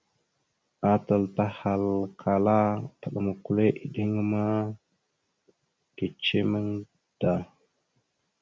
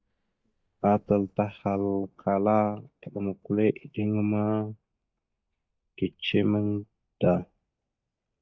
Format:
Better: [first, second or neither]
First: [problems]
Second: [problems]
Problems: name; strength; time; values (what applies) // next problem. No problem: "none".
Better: first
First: none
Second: noise reduction (neural mask model DeepFilterNet 3)